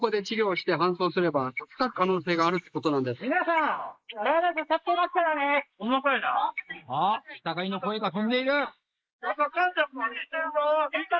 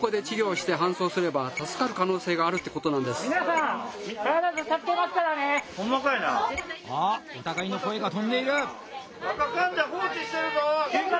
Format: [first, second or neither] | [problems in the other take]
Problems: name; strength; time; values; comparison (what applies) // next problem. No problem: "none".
second | noise reduction (neural mask model Resemble Enhance denoiser)